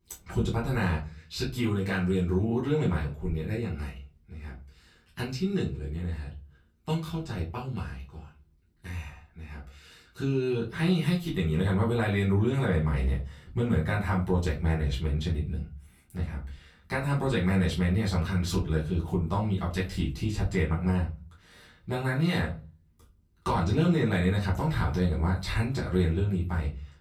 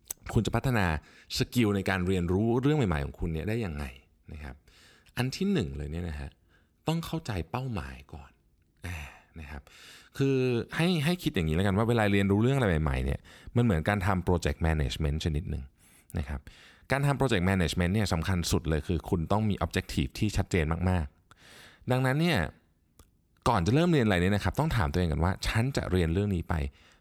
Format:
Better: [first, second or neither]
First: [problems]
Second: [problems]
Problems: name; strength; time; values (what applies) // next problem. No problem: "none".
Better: second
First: off-mic speech; far // room echo; very slight; dies away in 0.3 s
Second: none